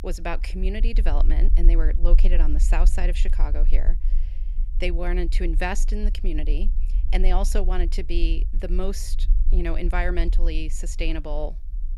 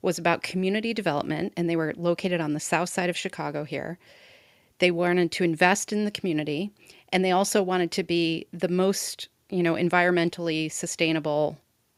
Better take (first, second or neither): second